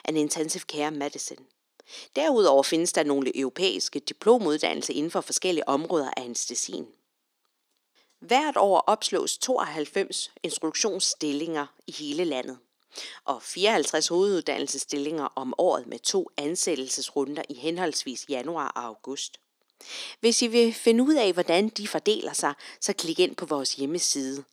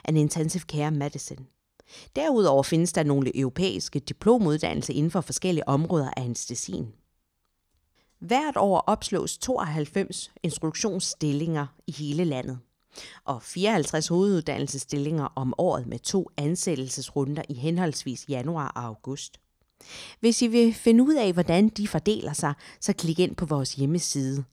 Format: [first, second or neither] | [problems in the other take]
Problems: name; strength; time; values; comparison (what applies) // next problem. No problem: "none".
second | thin; somewhat; fading below 300 Hz